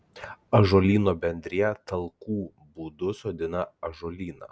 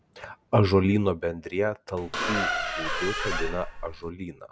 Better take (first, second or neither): first